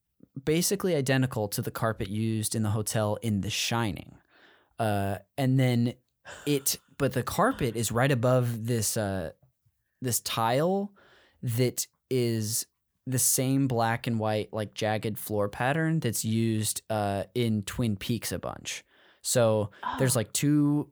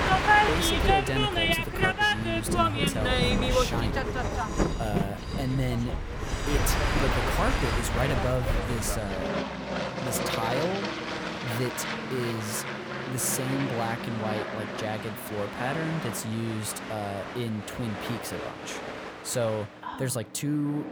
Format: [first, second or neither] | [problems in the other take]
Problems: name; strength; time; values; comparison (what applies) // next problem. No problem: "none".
first | train or aircraft noise; very loud; throughout; 3 dB above the speech